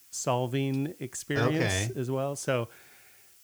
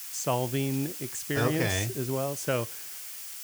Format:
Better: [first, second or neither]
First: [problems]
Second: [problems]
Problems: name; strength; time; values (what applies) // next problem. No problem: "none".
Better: first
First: hiss; faint; throughout; 25 dB below the speech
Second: hiss; loud; throughout; 7 dB below the speech